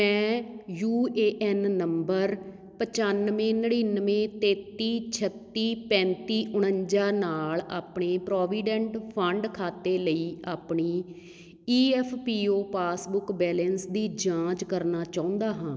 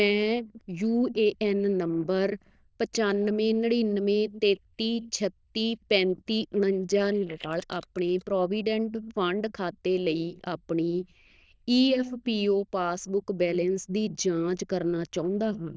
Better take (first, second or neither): first